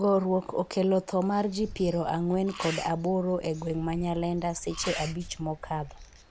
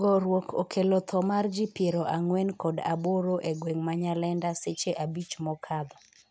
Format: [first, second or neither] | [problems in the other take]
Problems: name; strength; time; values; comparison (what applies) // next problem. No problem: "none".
second | background sound (Stream + Sneeze); 15 dB below the speech